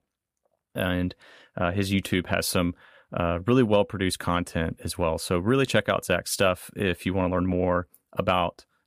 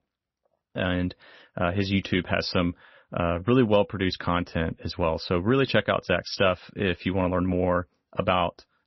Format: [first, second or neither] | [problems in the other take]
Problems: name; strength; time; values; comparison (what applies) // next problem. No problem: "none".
first | garbled, watery; slightly; nothing above 5.5 kHz